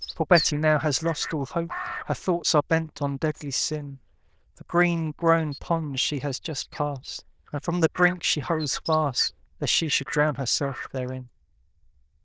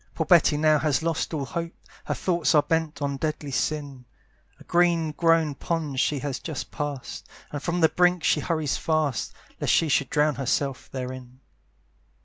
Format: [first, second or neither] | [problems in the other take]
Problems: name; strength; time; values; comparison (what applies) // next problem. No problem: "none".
second | noise reduction (neural diffusion model UNIVERSE++)